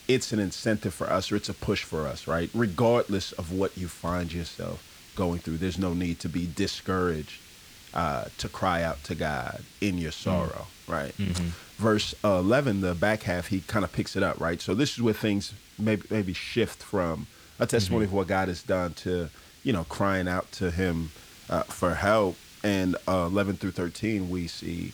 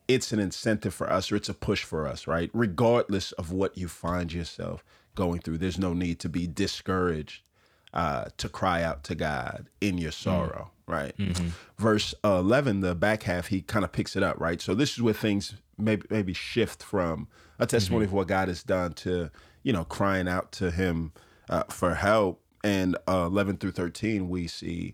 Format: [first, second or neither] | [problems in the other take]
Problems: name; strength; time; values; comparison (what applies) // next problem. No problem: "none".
second | hiss; faint; throughout; 20 dB below the speech